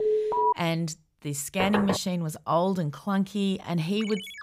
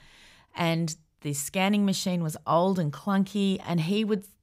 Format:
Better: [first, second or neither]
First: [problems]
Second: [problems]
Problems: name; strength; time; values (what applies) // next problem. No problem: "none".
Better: second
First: alarm; loud; at the start; peak 4 dB above the speech // door banging; noticeable; at 1.5 s; peak 1 dB below the speech // phone ringing; faint; at 4 s; peak 10 dB below the speech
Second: none